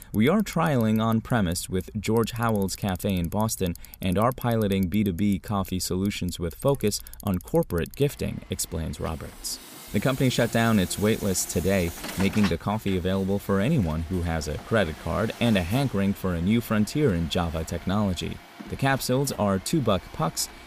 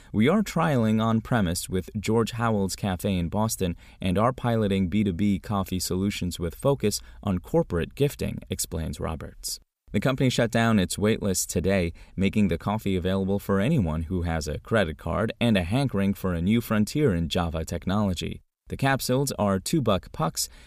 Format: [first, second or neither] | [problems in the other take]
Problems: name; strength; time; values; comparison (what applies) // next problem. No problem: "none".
second | traffic noise; noticeable; throughout; 15 dB below the speech